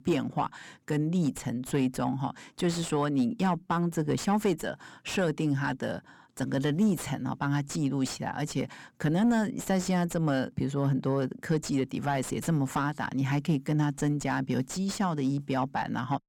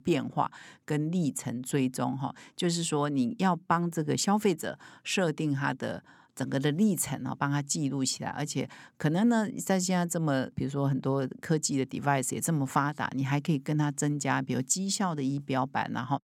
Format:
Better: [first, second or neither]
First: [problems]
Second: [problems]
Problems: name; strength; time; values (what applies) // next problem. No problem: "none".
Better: second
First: distortion; slight; 10 dB below the speech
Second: none